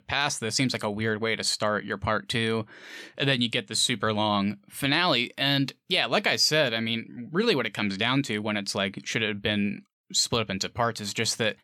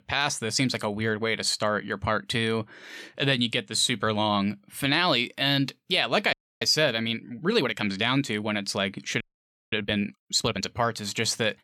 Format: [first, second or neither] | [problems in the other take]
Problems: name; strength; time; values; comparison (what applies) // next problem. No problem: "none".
first | audio freezing; at 6.5 s and at 9 s for 0.5 s